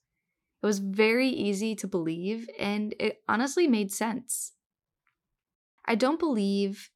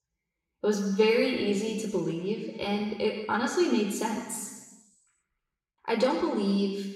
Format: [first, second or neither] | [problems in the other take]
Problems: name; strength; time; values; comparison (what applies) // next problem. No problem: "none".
first | room echo; noticeable; dies away in 1.2 s // off-mic speech; far